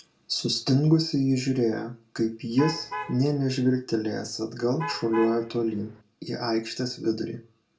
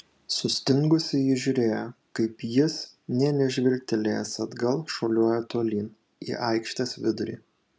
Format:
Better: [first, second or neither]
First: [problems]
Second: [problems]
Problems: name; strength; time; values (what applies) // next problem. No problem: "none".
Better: second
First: background sound (Alarm / Truck); 11 dB below the speech // room echo; dies away in 0.2 s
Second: none